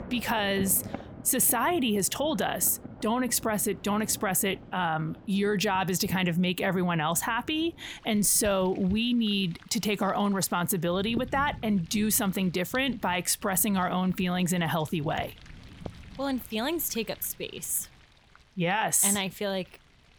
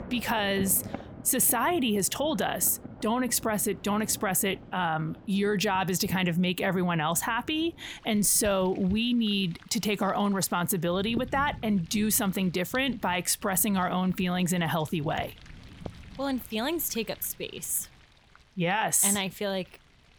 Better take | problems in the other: neither | rain or running water; noticeable; throughout; 20 dB below the speech; the same in both

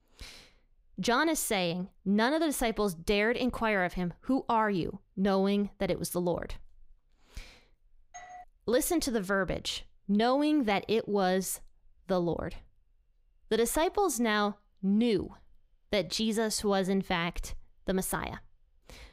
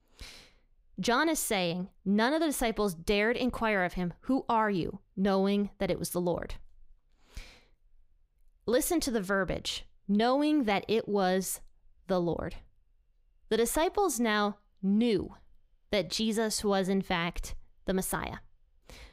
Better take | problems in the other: second | doorbell; faint; at 8 s; peak 20 dB below the speech

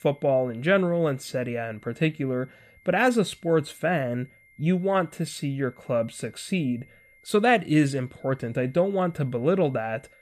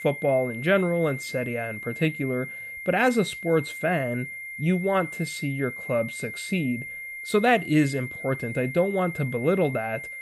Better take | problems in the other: first | high-pitched whine; loud; throughout; 2 kHz, 9 dB below the speech; faint in the first

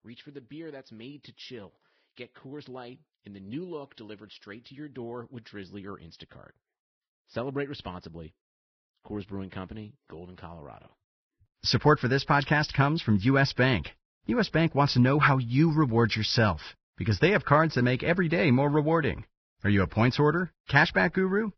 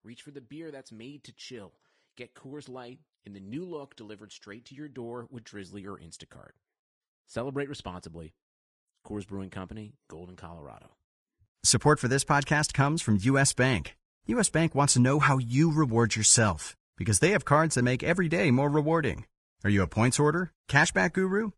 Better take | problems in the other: second | garbled, watery; badly; nothing above 5.5 kHz; slightly in the second

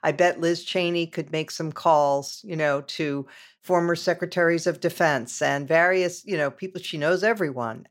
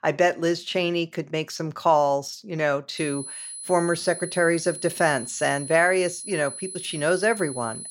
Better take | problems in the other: first | high-pitched whine; loud; from 3 s on; 10 kHz, 10 dB below the speech

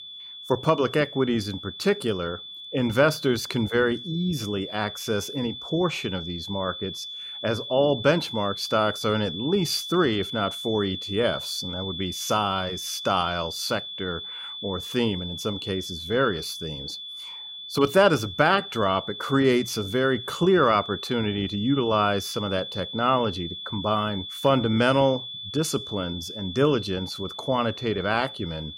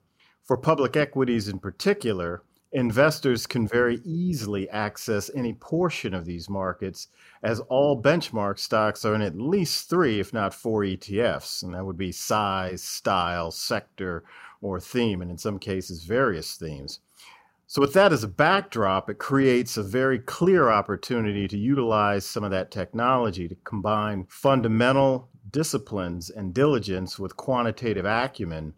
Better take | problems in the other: second | high-pitched whine; loud; throughout; 3.5 kHz, 9 dB below the speech

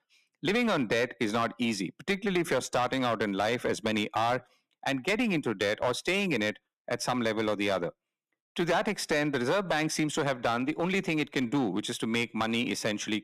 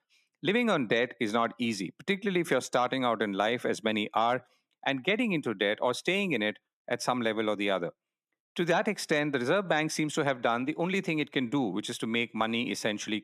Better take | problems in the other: second | distortion; slight; 7% of the sound clipped

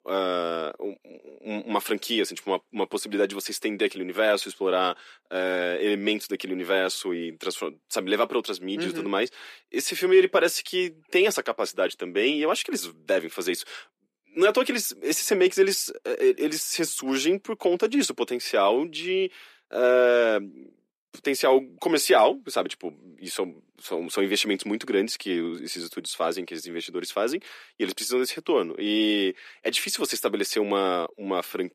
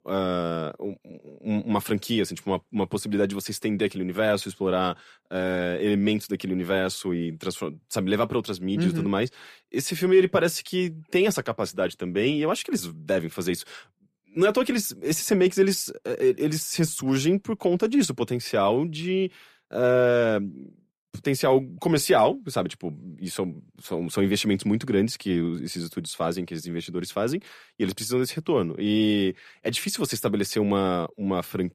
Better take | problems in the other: second | thin; somewhat; fading below 300 Hz

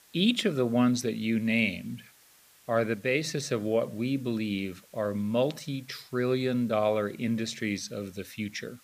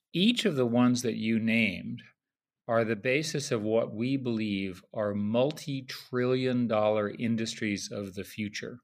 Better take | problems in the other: second | hiss; faint; throughout; 25 dB below the speech

